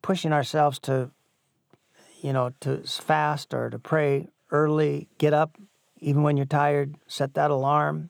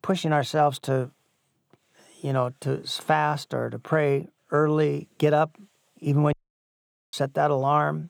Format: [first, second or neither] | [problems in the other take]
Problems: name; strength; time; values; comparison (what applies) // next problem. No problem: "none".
first | audio cutting out; at 6.5 s for 1 s